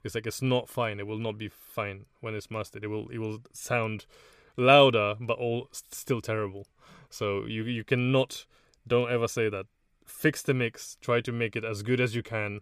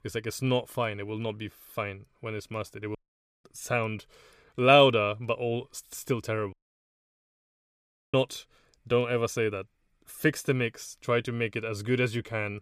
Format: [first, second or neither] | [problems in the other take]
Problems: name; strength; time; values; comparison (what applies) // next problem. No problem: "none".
first | audio cutting out; at 3 s and at 6.5 s for 1.5 s